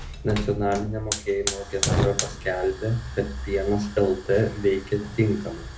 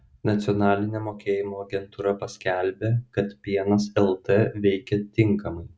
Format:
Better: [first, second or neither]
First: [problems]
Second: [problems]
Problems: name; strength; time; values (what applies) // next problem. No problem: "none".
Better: second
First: background sound (Hiss / Fire); 5 dB below the speech // room echo; dies away in 0.3 s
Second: none